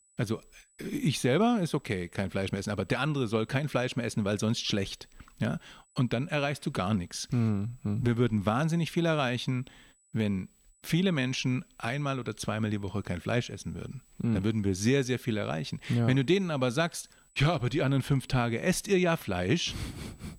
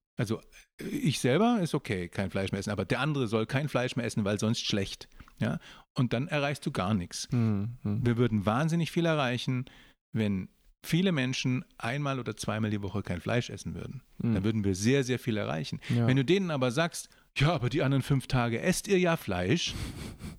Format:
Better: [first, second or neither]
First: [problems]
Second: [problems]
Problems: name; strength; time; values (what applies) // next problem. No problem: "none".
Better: second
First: high-pitched whine; faint; throughout; 8 kHz, 35 dB below the speech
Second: none